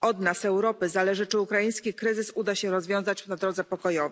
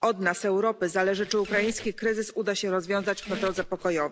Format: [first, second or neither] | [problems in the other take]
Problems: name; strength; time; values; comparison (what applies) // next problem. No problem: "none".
first | background sound (Squeak); 14 dB below the speech